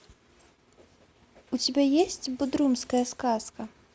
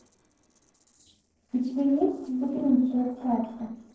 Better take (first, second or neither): first